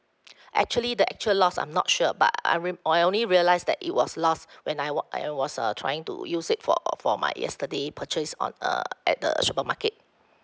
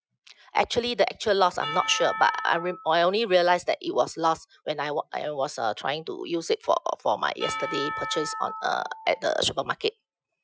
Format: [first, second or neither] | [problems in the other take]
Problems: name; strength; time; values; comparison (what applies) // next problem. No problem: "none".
first | noise reduction (classical method Wiener filter)